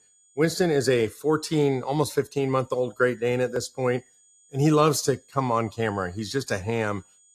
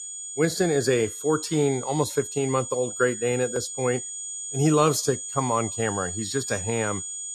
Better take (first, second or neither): first